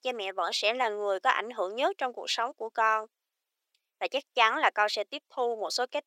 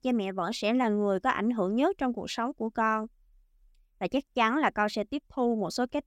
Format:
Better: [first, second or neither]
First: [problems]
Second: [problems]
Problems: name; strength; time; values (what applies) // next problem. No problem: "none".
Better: second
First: thin; very; fading below 450 Hz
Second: none